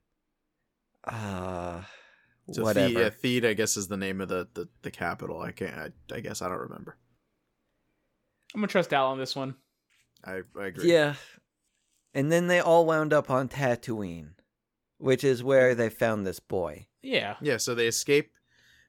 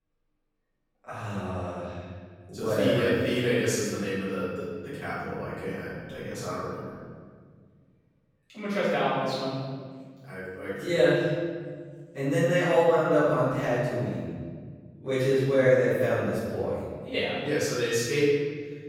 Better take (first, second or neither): first